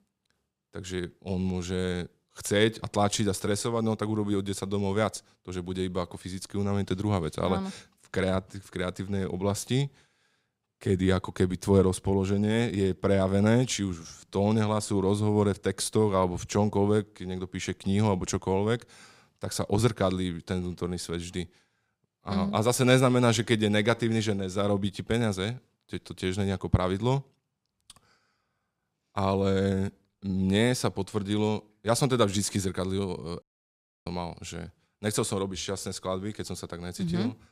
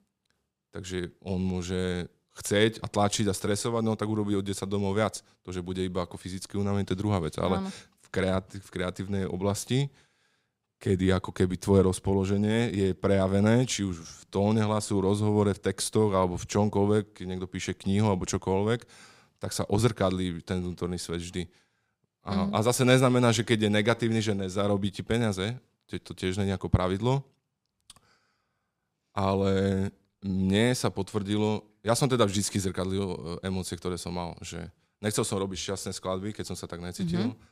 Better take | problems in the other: second | audio cutting out; at 33 s for 0.5 s

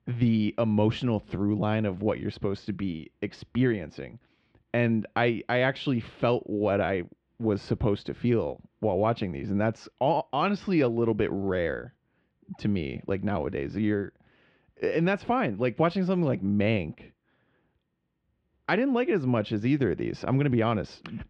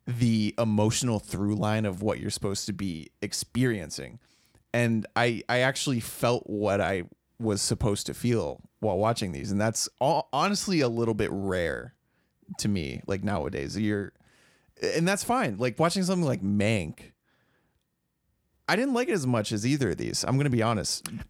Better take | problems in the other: second | muffled; very; fading above 3 kHz

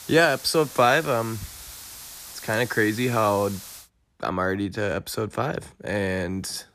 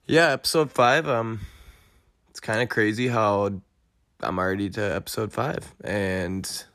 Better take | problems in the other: second | hiss; noticeable; until 4 s; 15 dB below the speech

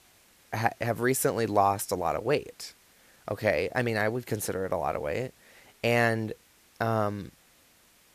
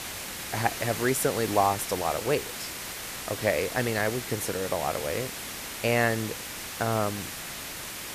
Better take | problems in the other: first | hiss; loud; throughout; 6 dB below the speech; faint in the first

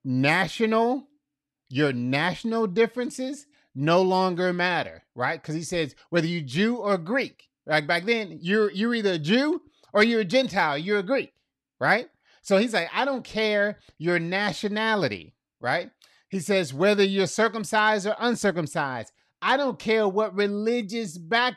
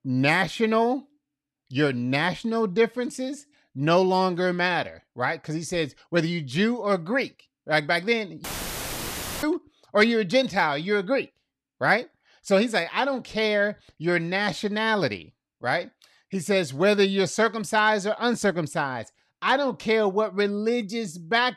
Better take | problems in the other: first | audio cutting out; filled with static; at 8.5 s for 1 s

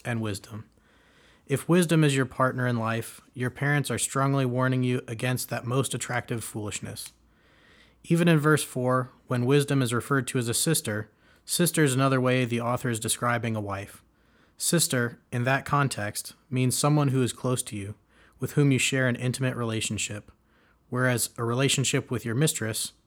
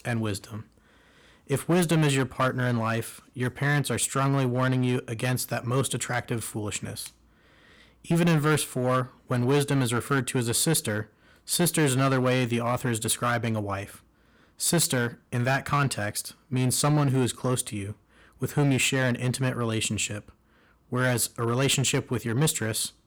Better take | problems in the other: first | distortion; slight; 5% of the sound clipped

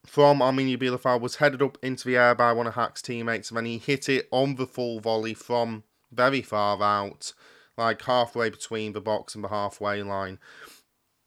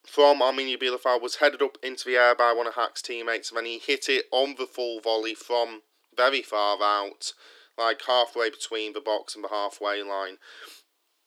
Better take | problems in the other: first | thin; somewhat; fading below 300 Hz

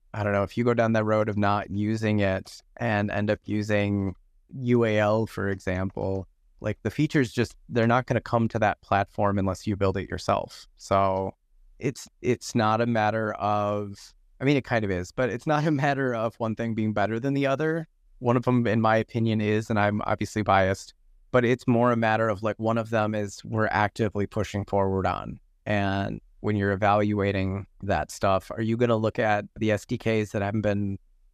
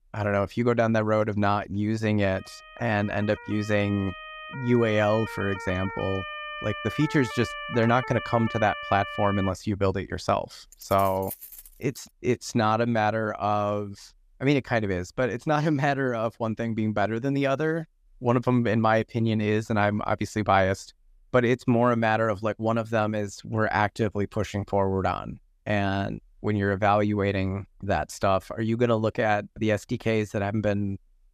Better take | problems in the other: first | siren; noticeable; from 2.5 to 9.5 s; peak 8 dB below the speech // jangling keys; faint; from 11 to 12 s; peak 15 dB below the speech

